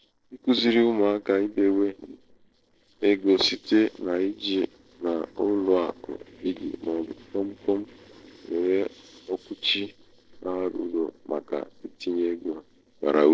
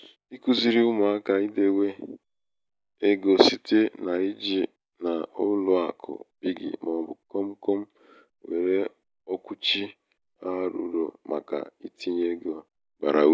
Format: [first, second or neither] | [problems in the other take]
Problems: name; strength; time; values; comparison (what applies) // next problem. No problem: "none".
second | noise reduction (neural separator model SepFormer DNS4)